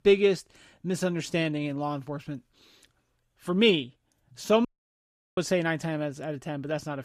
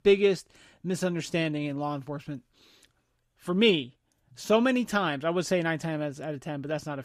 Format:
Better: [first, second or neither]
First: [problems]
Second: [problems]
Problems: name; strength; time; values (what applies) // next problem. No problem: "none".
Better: second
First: audio cutting out; at 4.5 s for 0.5 s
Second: none